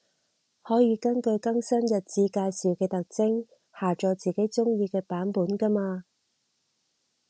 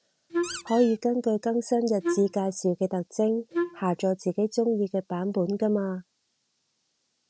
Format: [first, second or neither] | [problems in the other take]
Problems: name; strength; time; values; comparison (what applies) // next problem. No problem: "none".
first | background sound (Wind instrument, woodwind instrument + Squeak); 5 dB below the speech